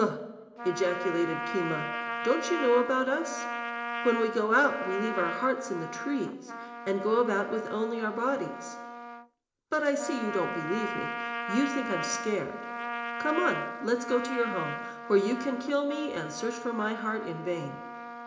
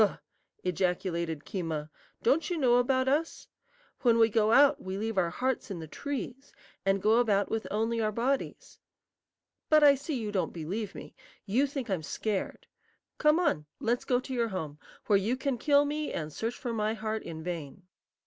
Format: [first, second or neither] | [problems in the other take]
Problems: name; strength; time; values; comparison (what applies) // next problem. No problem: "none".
second | background sound (Trumpet); 7 dB below the speech // room echo; dies away in 0.8 s